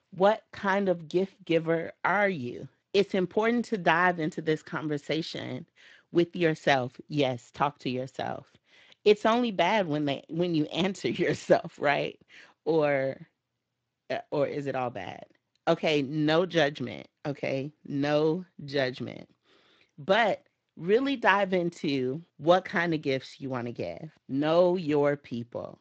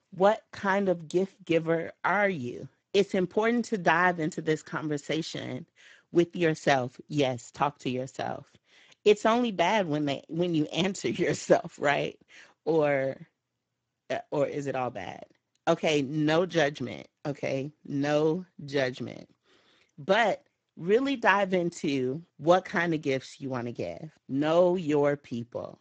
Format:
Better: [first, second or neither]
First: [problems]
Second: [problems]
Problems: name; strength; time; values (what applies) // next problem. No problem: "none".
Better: first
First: garbled, watery; slightly; nothing above 7.5 kHz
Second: garbled, watery; badly; nothing above 7.5 kHz